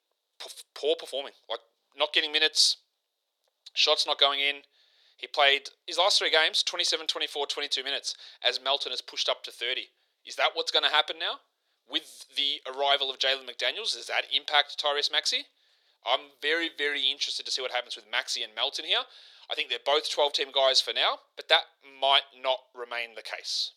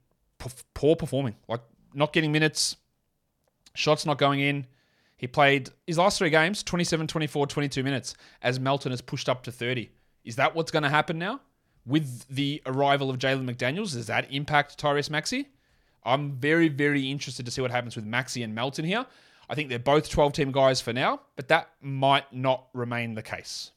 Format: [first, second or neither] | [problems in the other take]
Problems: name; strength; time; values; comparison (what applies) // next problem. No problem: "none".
second | thin; very; fading below 400 Hz